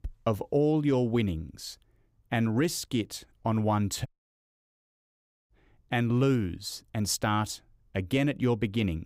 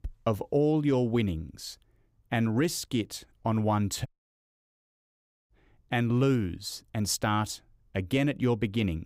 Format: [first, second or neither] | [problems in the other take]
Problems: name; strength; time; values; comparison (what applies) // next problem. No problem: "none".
neither | audio cutting out; at 4 s for 1.5 s; the same in both